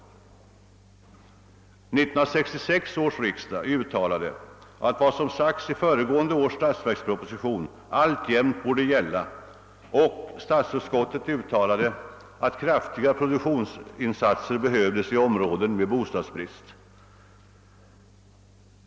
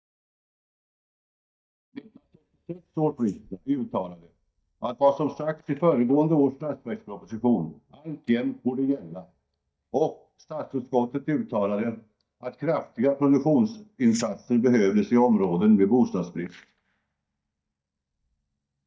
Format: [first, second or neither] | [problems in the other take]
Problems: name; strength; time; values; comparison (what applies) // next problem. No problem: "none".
first | noise reduction (neural mask model DeepFilterNet 3)